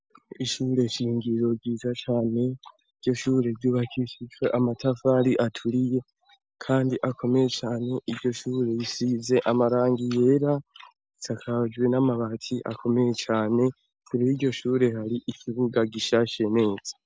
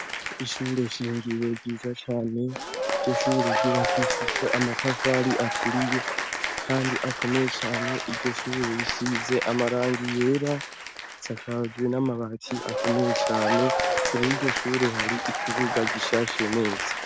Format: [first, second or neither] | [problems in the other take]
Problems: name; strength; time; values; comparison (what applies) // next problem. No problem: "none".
first | background sound (Applause / Cheering); 1 dB below the speech